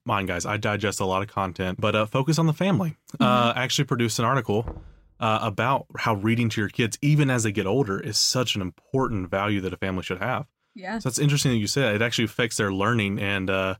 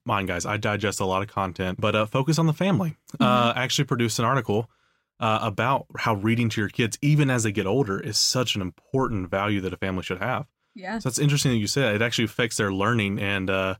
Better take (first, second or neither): second